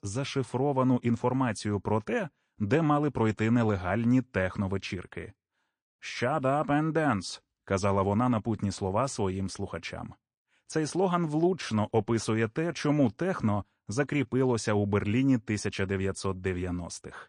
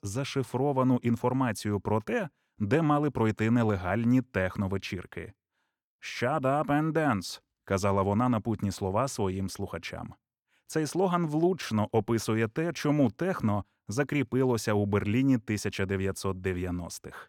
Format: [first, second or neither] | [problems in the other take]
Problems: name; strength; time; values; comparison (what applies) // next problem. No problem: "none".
second | garbled, watery; slightly; nothing above 9 kHz